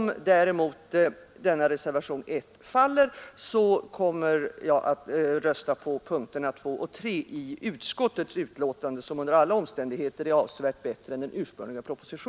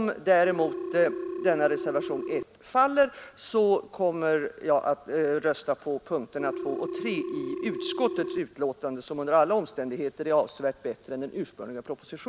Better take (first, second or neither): first